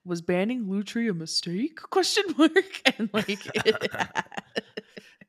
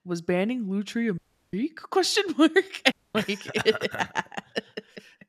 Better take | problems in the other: first | audio cutting out; at 1 s and at 3 s

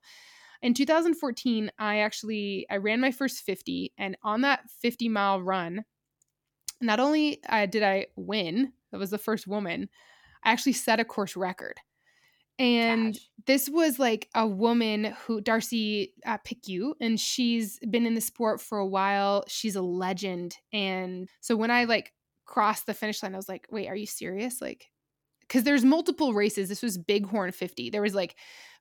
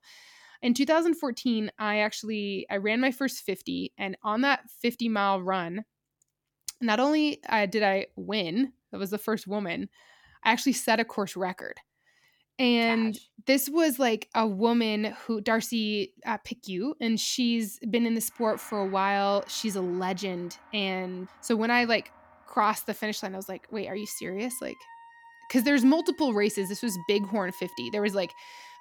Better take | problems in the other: first | background music; faint; from 18 s on; 25 dB below the speech

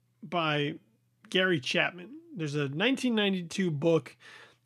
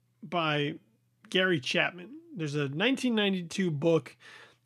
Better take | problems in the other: neither | none

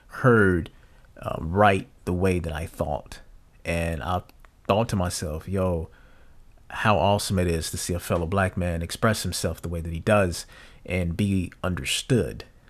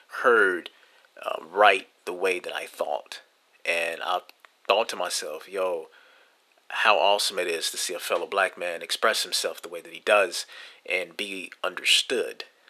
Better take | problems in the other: first | thin; very; fading below 400 Hz

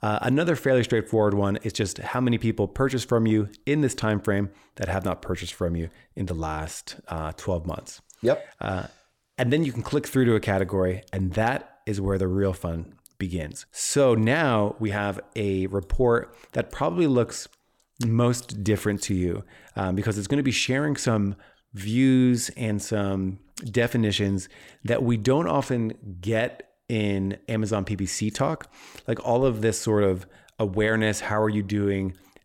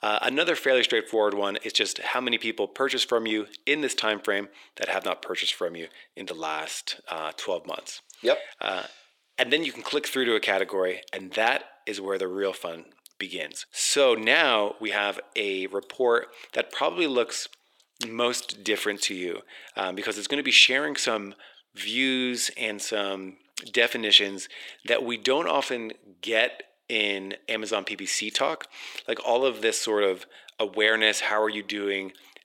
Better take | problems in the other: first | thin; somewhat; fading below 350 Hz

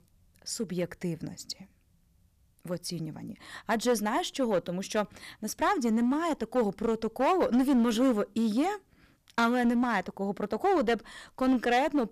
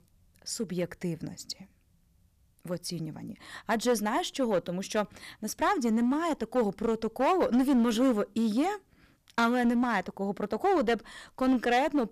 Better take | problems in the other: neither | distortion; slight; 7% of the sound clipped; the same in both

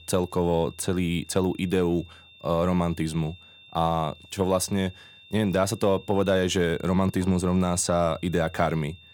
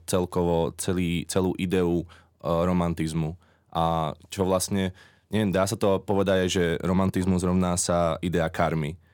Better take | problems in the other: second | high-pitched whine; faint; throughout; 3.5 kHz, 25 dB below the speech

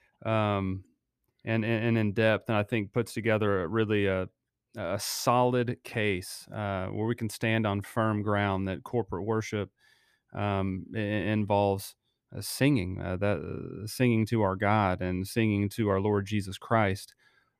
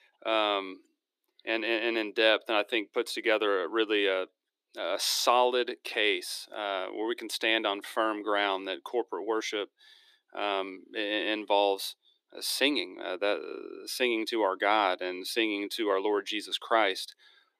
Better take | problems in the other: first | thin; very; fading below 300 Hz

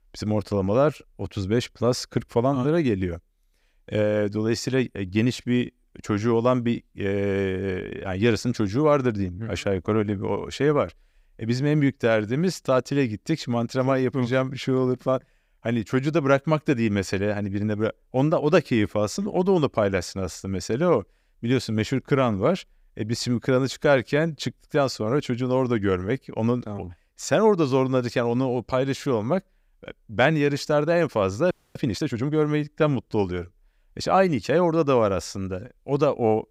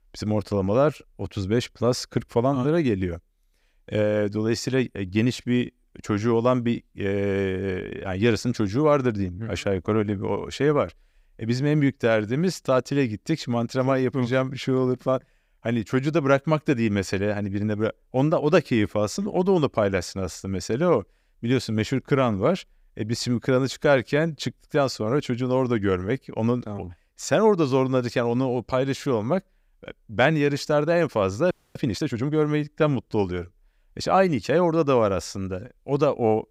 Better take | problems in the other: neither | audio freezing; at 32 s; the same in both

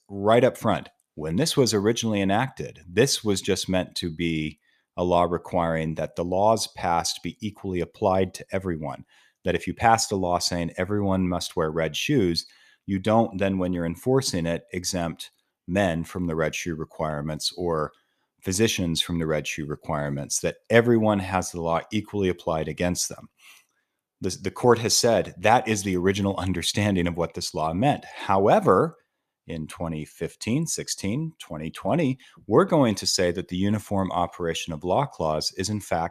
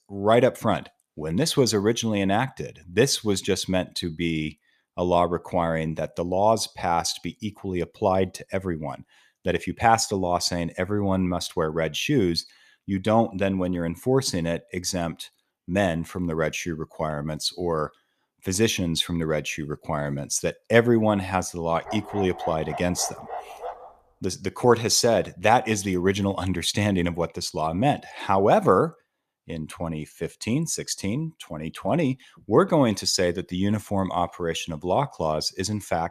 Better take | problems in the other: first | dog barking; noticeable; from 22 to 24 s; peak 9 dB below the speech

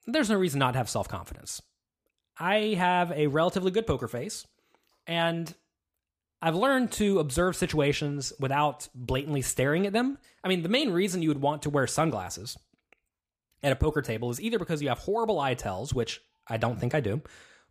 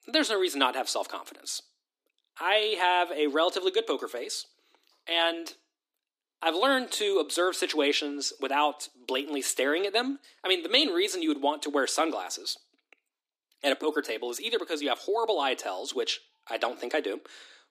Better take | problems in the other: first | thin; somewhat; fading below 250 Hz

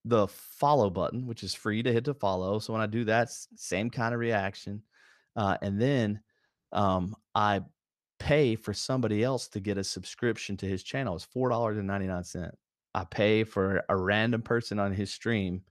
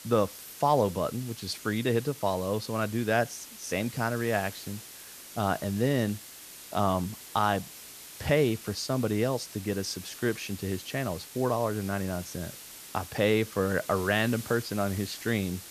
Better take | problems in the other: first | hiss; noticeable; throughout; 15 dB below the speech

